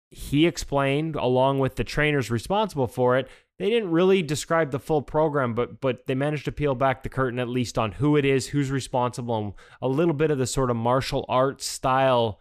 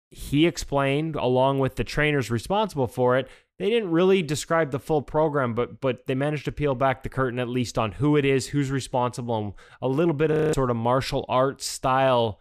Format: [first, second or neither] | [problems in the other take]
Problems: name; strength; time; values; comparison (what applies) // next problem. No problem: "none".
first | audio freezing; at 10 s